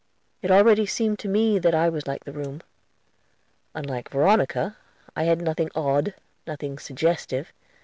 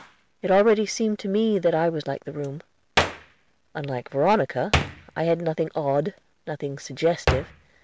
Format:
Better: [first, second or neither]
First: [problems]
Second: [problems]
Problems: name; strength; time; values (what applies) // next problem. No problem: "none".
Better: first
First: none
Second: background sound (Hands); 7 dB below the speech